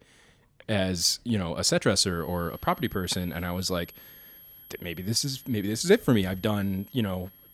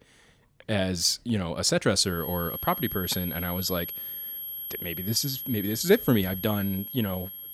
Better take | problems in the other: first | high-pitched whine; loud; from 2 s on; 11.5 kHz, 7 dB below the speech; faint in the first

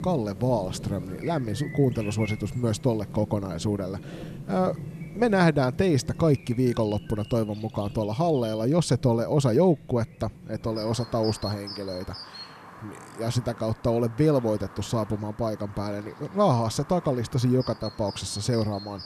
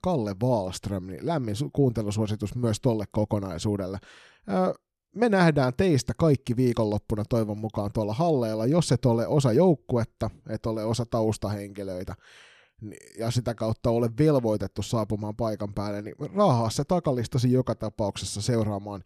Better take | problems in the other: second | animal sounds; noticeable; throughout; 15 dB below the speech

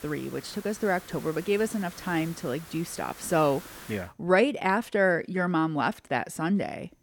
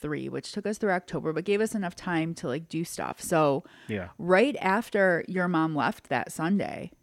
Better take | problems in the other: second | hiss; noticeable; until 4 s; 15 dB below the speech

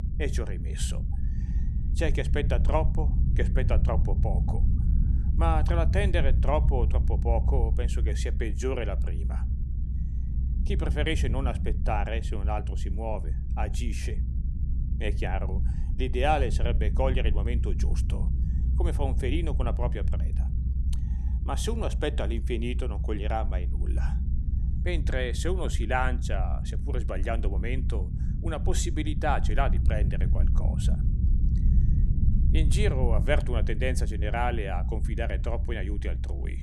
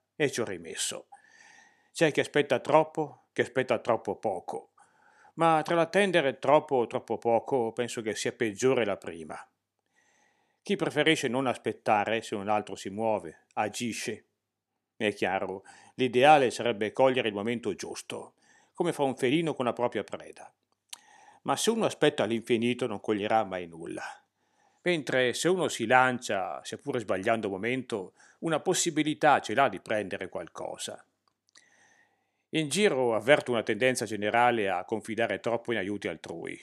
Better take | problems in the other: second | low rumble; noticeable; throughout; 10 dB below the speech

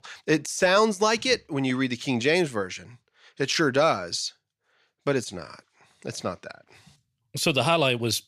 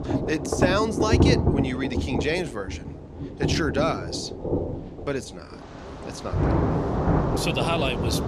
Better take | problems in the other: first | rain or running water; very loud; throughout; 2 dB above the speech

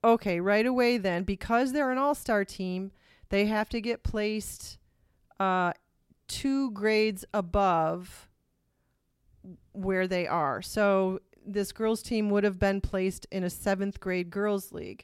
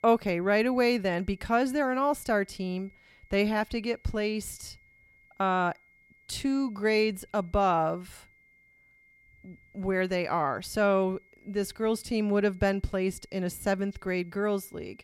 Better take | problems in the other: first | high-pitched whine; faint; throughout; 2 kHz, 30 dB below the speech

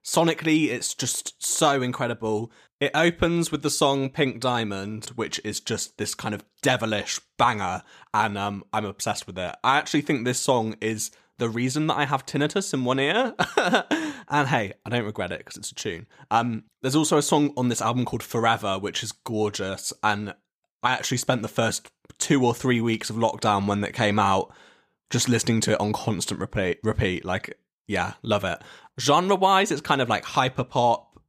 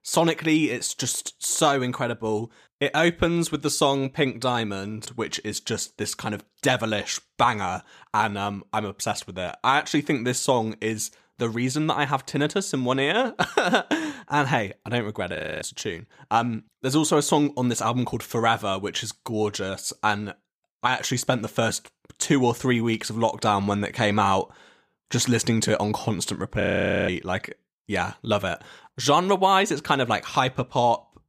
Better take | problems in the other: first | audio freezing; at 15 s and at 27 s

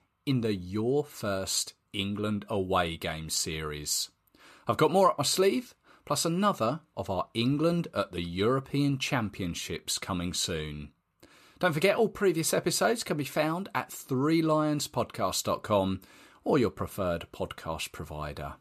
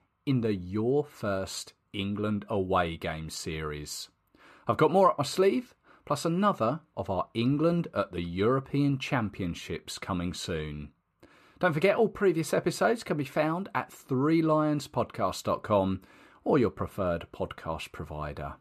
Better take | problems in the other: first | muffled; slightly; fading above 3 kHz

